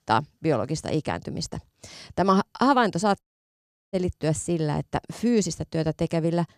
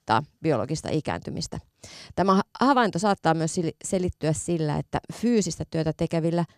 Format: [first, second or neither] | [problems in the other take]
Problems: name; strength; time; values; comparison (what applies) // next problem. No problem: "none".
second | audio cutting out; at 3 s for 0.5 s